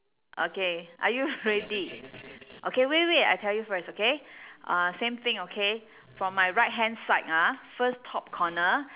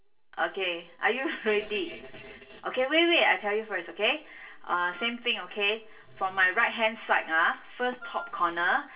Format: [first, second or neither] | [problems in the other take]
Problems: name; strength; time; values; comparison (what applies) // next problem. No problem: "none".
first | background sound (Wind instrument, woodwind instrument); 16 dB below the speech // room echo; dies away in 0.2 s